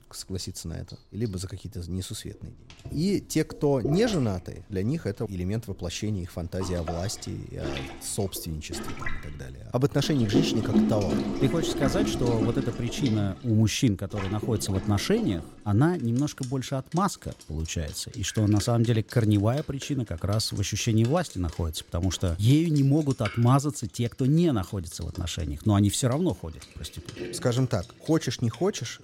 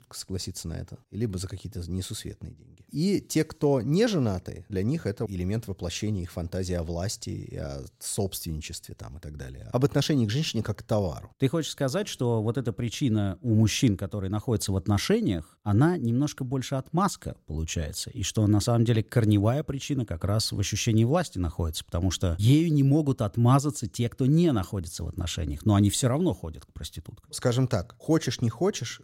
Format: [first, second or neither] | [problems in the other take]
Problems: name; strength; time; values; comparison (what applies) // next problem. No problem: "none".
second | rain or running water; loud; throughout; 6 dB below the speech